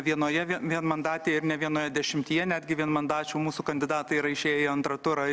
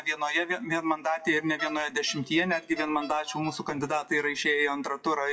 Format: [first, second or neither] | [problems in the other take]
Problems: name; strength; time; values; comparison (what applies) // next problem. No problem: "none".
first | noise reduction (classical method WPE with log-MMSE)